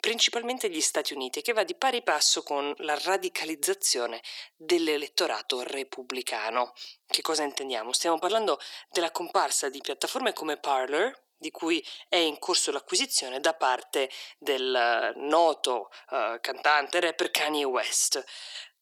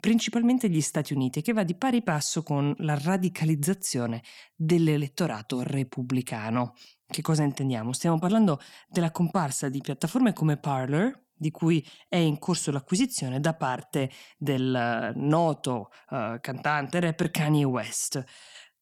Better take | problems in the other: second | thin; very; fading below 350 Hz

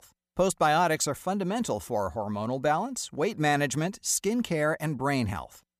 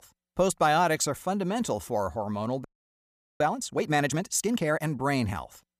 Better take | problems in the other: first | audio freezing; at 2.5 s for 1 s

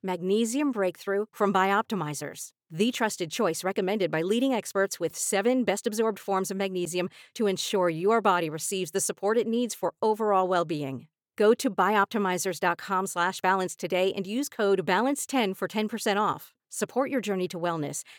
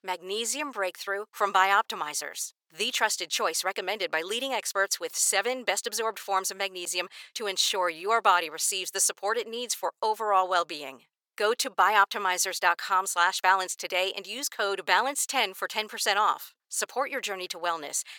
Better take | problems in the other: first | thin; very; fading below 800 Hz

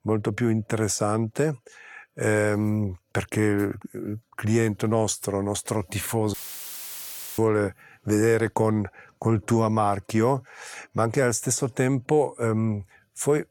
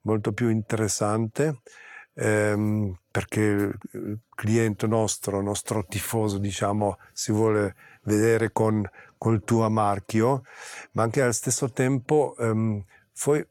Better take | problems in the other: second | audio cutting out; filled with static; at 6.5 s for 1 s

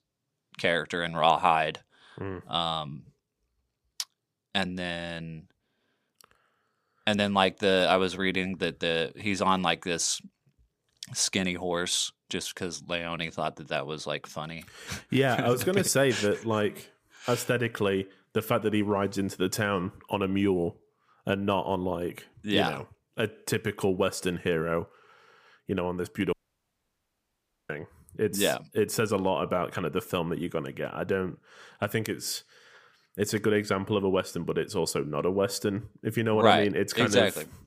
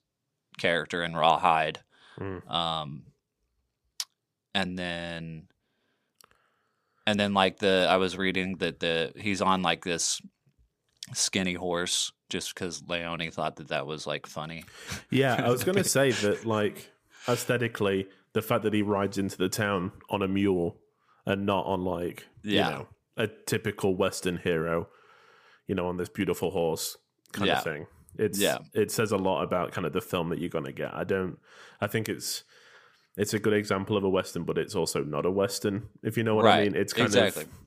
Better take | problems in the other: second | audio cutting out; at 26 s for 1.5 s

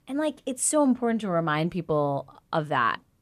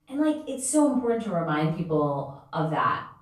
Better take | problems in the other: first | off-mic speech; far // room echo; noticeable; dies away in 0.4 s

